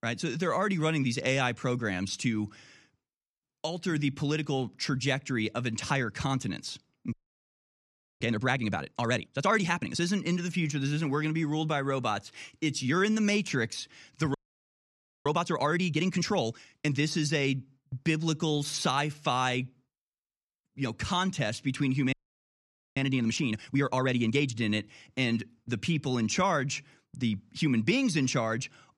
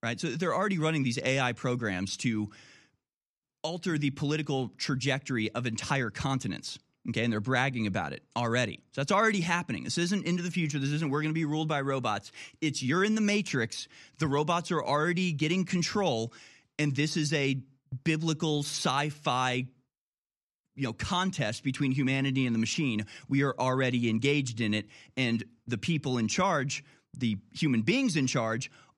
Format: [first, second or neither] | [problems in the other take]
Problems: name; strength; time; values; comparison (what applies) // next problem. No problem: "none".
second | audio freezing; at 7 s for 1 s, at 14 s for 1 s and at 22 s for 1 s